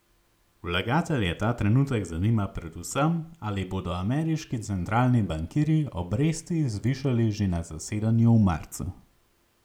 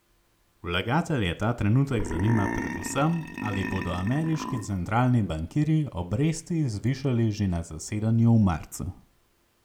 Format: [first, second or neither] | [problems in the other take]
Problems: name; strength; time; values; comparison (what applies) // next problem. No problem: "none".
first | background sound (Burping, eructation); 8 dB below the speech